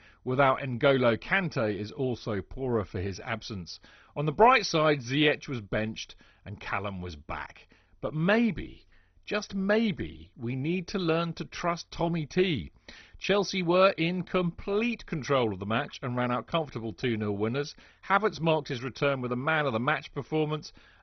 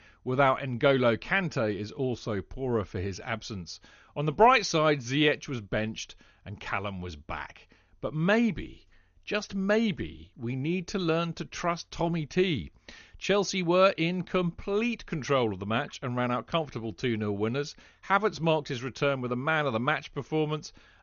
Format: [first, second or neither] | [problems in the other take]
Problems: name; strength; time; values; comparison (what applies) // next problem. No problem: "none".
second | garbled, watery; badly; nothing above 6 kHz; slightly in the second